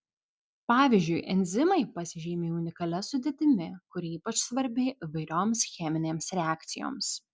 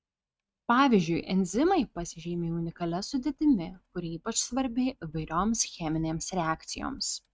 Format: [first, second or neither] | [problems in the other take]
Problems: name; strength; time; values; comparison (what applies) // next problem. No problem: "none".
first | noise reduction (neural mask model RNNoise)